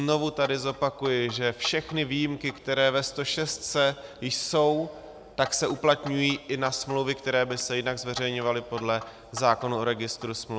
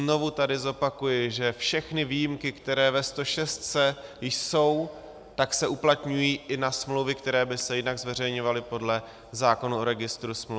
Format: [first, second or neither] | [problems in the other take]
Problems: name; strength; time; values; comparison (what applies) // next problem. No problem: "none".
second | background sound (Clock); 18 dB below the speech